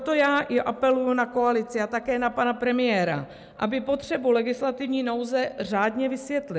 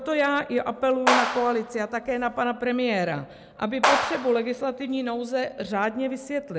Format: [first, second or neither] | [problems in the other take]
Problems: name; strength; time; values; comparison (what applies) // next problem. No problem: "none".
first | background sound (Clapping); 1 dB below the speech